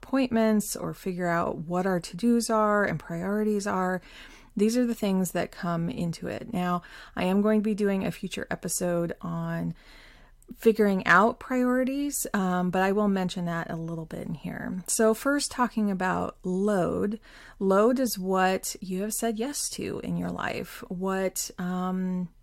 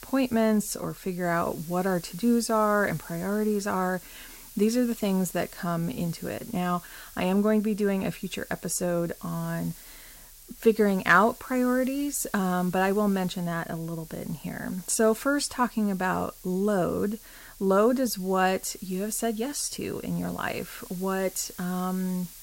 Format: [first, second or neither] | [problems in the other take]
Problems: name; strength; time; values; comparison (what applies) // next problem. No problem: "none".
first | hiss; noticeable; throughout; 20 dB below the speech